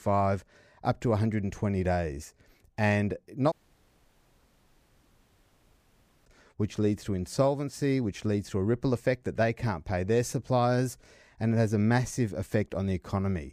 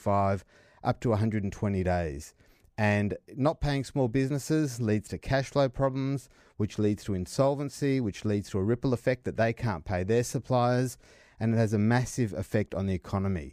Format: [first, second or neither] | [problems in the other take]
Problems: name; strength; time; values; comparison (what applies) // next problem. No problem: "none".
second | audio cutting out; at 3.5 s for 2.5 s